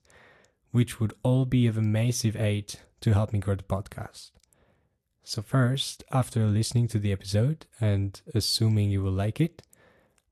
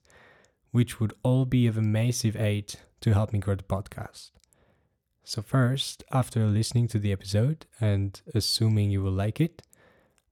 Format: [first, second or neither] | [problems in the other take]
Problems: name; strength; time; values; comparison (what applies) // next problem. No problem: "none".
second | garbled, watery; slightly; nothing above 12.5 kHz